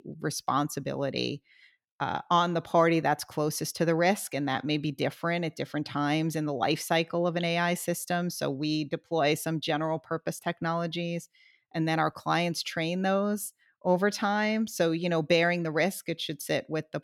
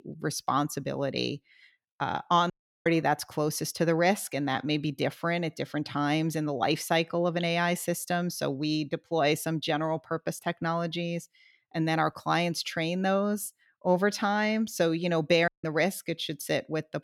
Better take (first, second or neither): first